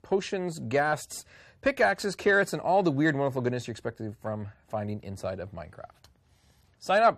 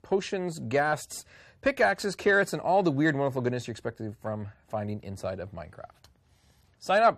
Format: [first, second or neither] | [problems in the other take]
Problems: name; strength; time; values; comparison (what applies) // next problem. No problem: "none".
neither | none